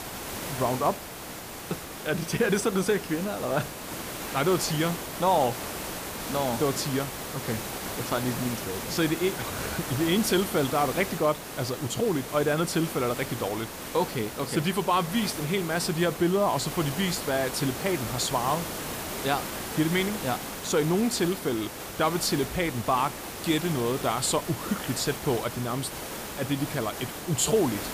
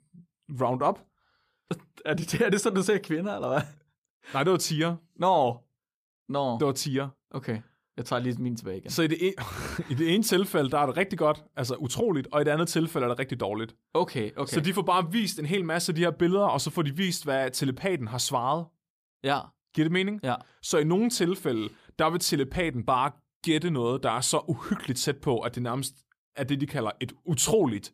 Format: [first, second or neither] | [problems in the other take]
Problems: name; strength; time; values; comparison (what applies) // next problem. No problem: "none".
second | hiss; loud; throughout; 7 dB below the speech